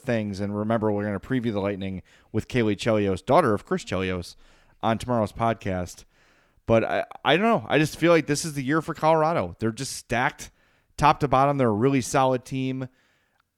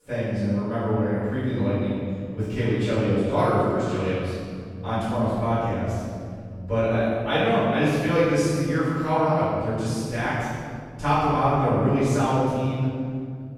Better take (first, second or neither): first